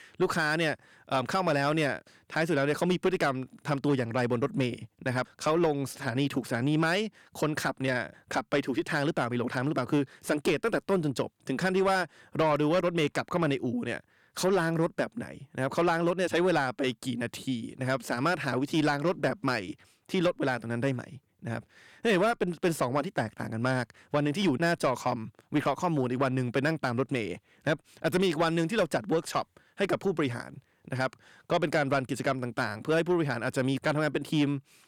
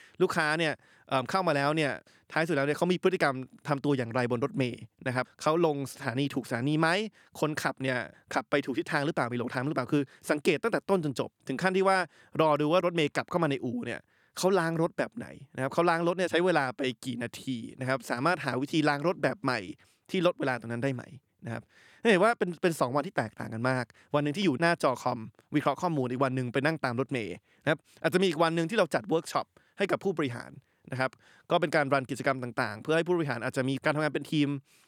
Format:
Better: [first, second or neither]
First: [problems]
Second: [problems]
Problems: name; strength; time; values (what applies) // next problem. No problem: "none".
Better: second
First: distortion; slight; 10 dB below the speech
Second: none